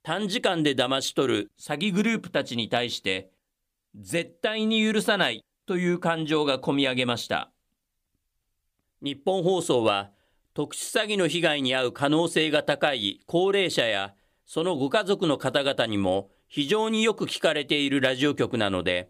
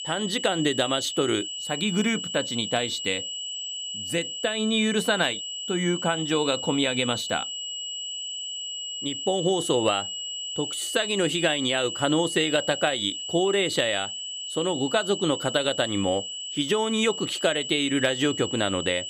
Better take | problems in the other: first | high-pitched whine; loud; throughout; 3 kHz, 5 dB below the speech

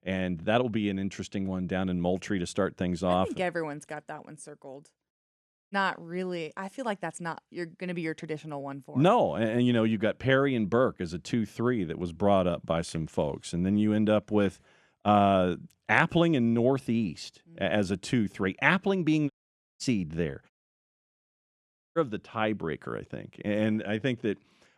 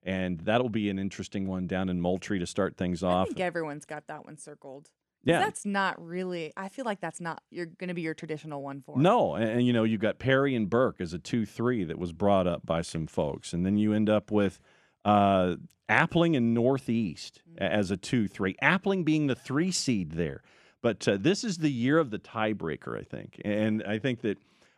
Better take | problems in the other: second | audio cutting out; at 5 s for 0.5 s, at 19 s and at 21 s for 1.5 s

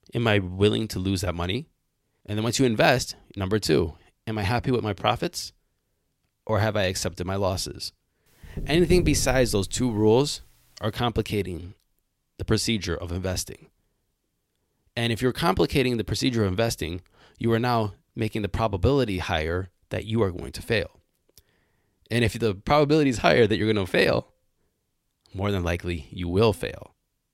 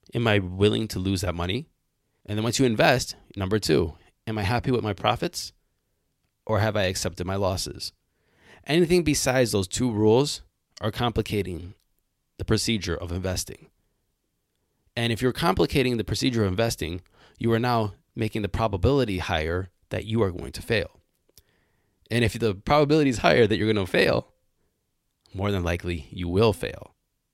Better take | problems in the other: second | door banging; noticeable; from 8.5 to 10 s; peak 5 dB below the speech

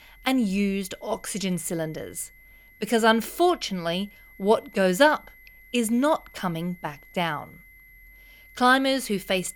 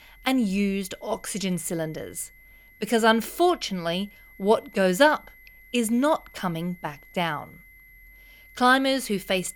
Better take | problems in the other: neither | high-pitched whine; faint; throughout; 2 kHz, 25 dB below the speech; the same in both

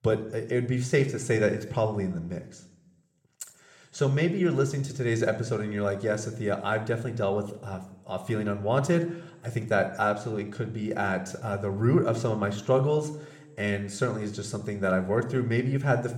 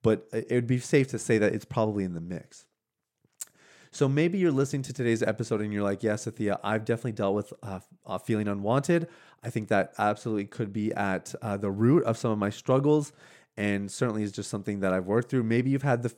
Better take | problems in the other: second | room echo; very slight; dies away in 0.6 s

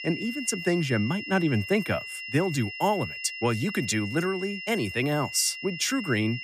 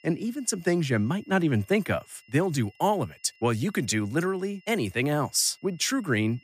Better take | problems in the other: second | high-pitched whine; loud; throughout; 3 kHz, 8 dB below the speech; faint in the second

